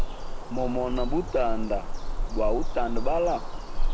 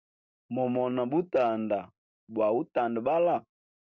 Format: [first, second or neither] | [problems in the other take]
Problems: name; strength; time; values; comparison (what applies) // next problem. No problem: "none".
second | background sound (Bird vocalization, bird call, bird song); 4 dB above the speech